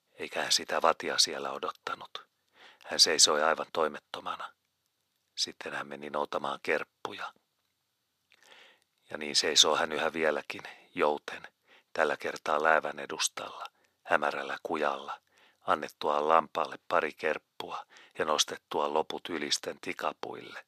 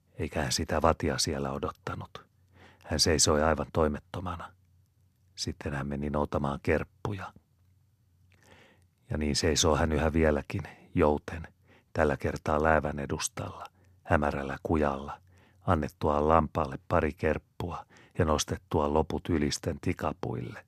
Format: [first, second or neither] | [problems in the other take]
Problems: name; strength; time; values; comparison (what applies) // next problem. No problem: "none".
second | thin; somewhat; fading below 450 Hz